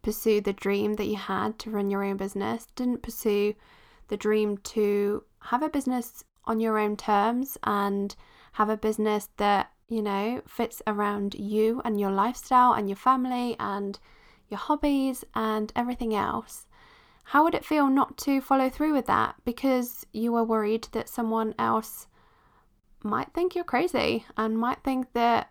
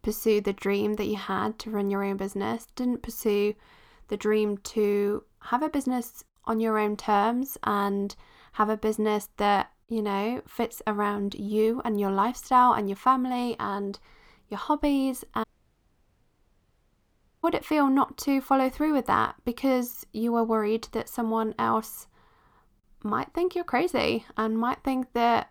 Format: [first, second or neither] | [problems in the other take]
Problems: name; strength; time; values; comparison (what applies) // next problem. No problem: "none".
first | audio cutting out; at 15 s for 2 s